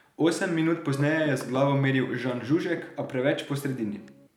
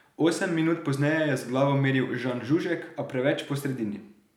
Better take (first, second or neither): second